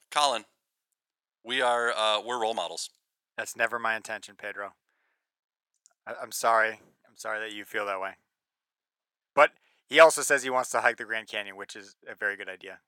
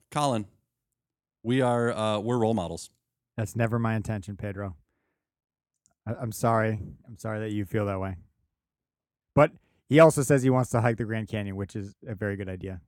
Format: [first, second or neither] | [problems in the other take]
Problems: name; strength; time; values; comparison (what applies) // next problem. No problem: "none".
second | thin; very; fading below 800 Hz